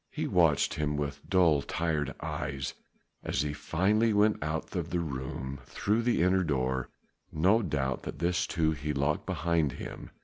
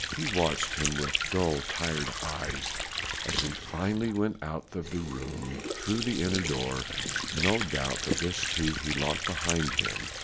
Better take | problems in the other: first | background sound (Sink (filling or washing) / Water); 2 dB below the speech

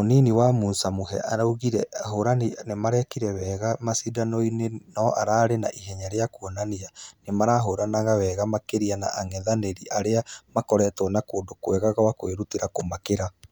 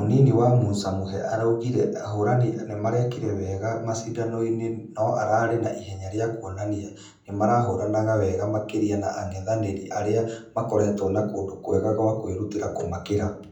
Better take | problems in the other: first | room echo; dies away in 0.6 s

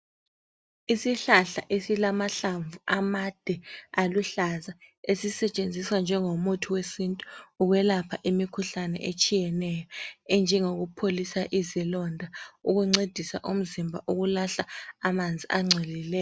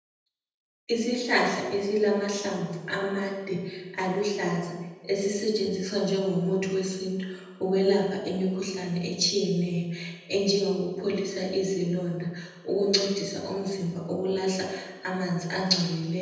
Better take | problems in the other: first | room echo; dies away in 1 s

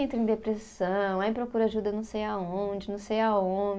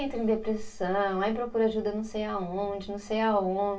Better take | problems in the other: first | room echo; dies away in 0.2 s

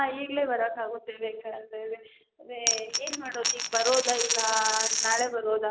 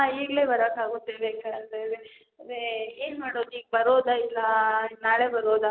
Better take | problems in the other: second | background sound (Coin (dropping)); 1 dB above the speech

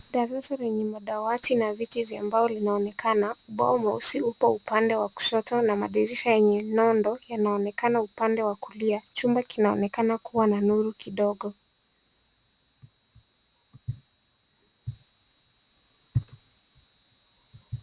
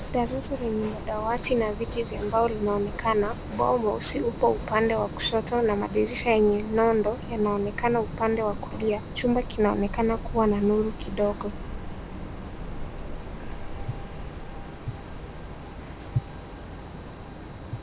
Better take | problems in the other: first | background sound (Train); 8 dB below the speech

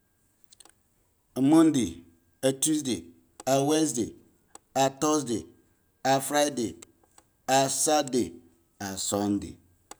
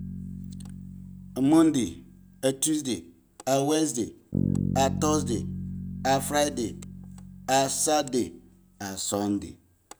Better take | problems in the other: first | background sound (Bass guitar); 8 dB below the speech

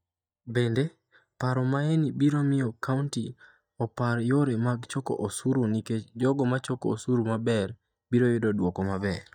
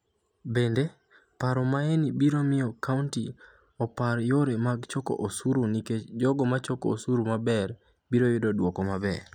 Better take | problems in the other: second | noise reduction (neural mask model DeepFilterNet 3)

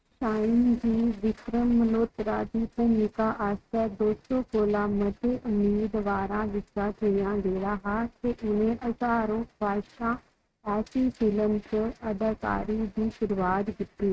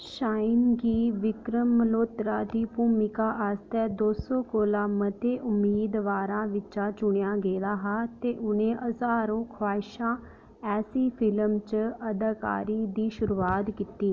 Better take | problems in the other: second | noise reduction (neural mask model RNNoise)

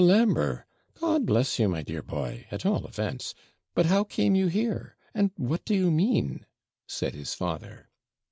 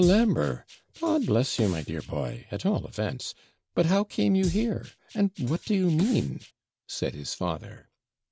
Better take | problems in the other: first | background sound (Drum kit); 14 dB below the speech

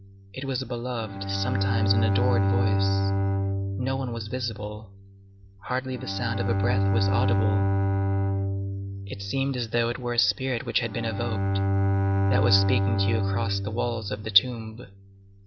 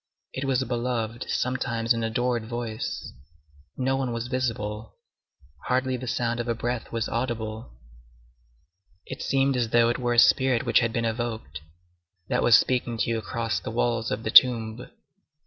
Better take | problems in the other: second | background sound (Bowed string instrument); 4 dB above the speech

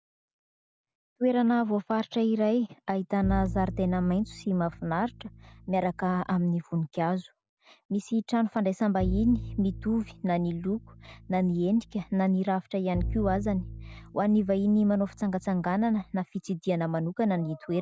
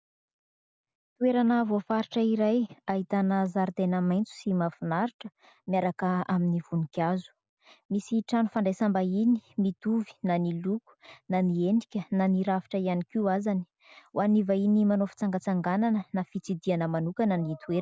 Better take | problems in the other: second | background sound (Bowed string instrument); 10 dB below the speech

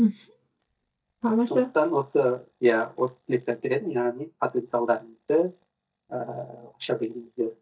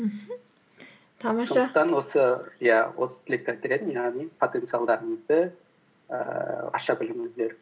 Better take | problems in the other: second | noise reduction (neural mask model DeepFilterNet 3)

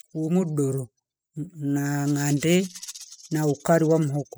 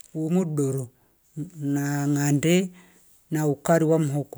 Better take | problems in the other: second | noise reduction (classical method spectral subtraction)

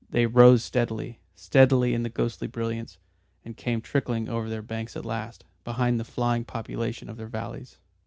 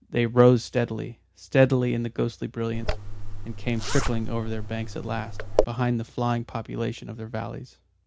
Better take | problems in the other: first | background sound (Zipper (clothing)); as loud as the speech

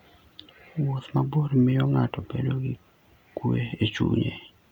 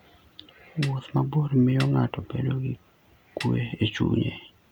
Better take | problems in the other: first | background sound (Snare drum); 17 dB below the speech

